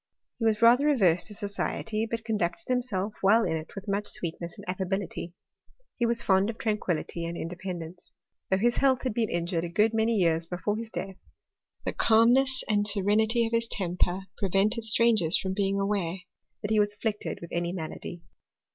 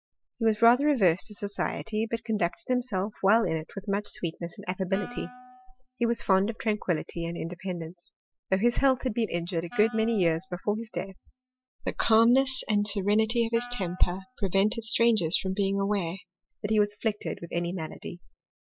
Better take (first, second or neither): first